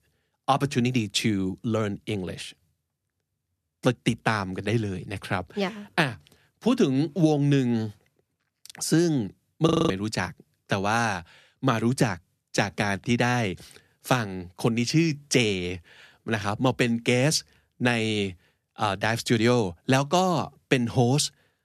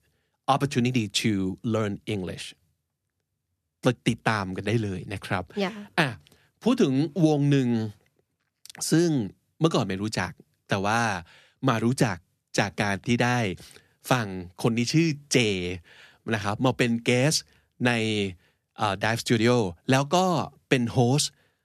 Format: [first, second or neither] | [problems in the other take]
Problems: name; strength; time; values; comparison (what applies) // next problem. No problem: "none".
second | audio freezing; at 9.5 s